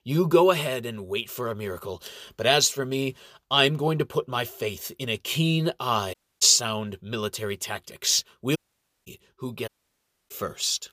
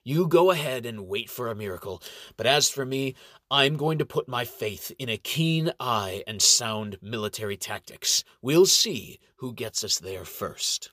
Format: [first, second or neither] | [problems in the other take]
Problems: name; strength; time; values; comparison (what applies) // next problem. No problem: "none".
second | audio cutting out; at 6 s, at 8.5 s for 0.5 s and at 9.5 s for 0.5 s